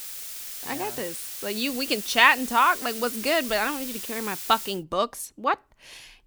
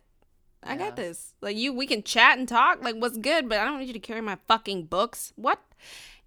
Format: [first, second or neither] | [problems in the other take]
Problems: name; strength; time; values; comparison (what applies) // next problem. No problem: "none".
second | hiss; loud; until 4.5 s; 9 dB below the speech